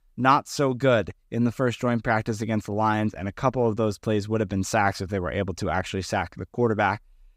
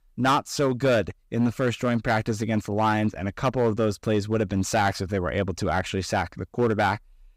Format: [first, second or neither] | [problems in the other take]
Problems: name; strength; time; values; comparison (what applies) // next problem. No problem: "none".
first | distortion; slight; 5% of the sound clipped